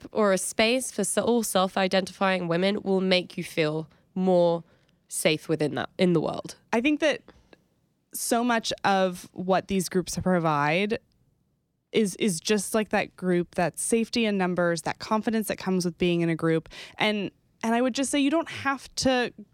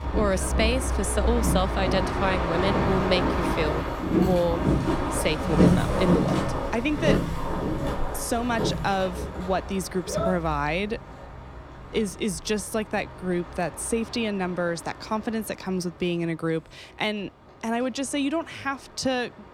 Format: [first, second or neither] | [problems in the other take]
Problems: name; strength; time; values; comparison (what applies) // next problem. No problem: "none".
first | train or aircraft noise; very loud; throughout; 1 dB above the speech